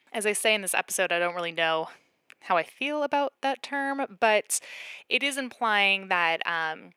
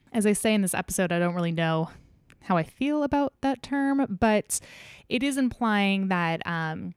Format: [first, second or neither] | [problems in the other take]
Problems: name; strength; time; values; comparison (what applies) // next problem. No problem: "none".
second | thin; very; fading below 550 Hz